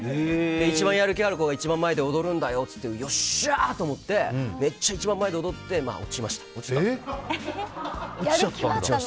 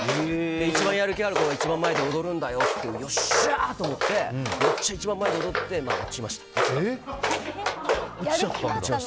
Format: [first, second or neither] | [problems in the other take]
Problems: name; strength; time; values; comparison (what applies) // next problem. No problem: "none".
first | background sound (Walk, footsteps); 2 dB below the speech